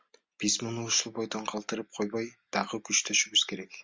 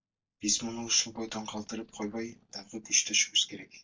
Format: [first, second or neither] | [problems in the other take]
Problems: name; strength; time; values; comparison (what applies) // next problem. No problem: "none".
first | noise reduction (neural mask model DeepFilterNet 3)